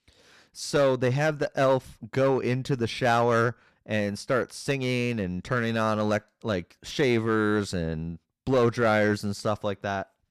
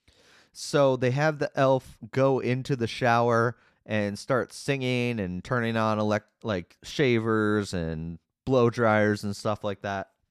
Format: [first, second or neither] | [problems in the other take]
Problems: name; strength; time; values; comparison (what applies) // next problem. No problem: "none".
second | distortion; slight; 5% of the sound clipped